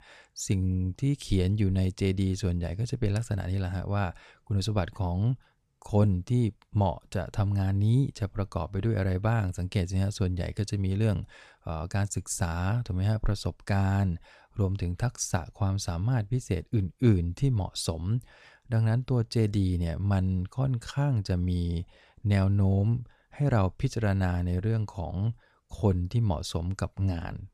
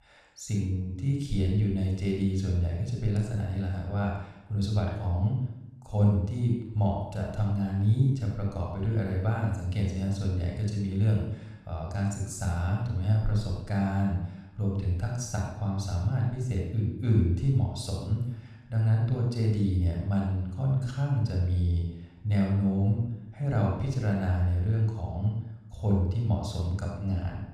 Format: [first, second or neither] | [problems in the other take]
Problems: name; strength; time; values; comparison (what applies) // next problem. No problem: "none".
first | off-mic speech; somewhat distant // room echo; noticeable; dies away in 0.7 s